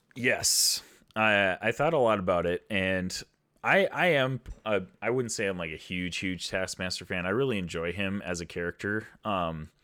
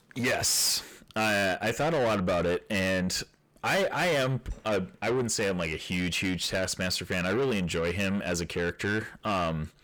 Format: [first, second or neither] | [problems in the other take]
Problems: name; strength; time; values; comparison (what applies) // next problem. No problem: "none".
first | distortion; heavy; 6 dB below the speech